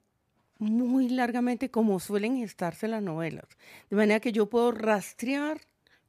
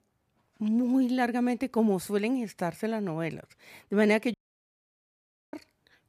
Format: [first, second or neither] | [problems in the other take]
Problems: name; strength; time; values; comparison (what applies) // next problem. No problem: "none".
first | audio cutting out; at 4.5 s for 1 s